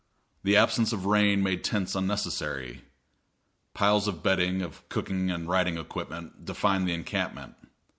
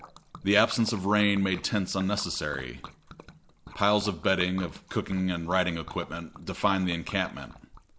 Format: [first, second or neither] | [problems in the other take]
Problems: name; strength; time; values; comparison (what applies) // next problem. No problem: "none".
first | background sound (Liquid); 19 dB below the speech